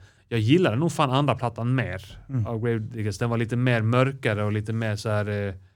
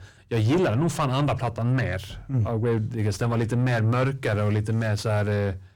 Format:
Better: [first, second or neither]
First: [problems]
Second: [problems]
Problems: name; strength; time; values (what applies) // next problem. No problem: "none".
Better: first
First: none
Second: distortion; heavy; 6 dB below the speech